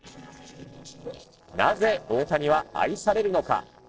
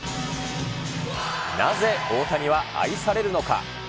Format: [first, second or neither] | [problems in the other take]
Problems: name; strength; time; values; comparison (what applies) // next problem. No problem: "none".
second | noise reduction (neural separator model SepFormer DNS4)